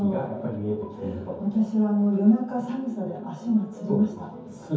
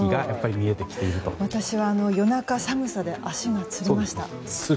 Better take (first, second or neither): second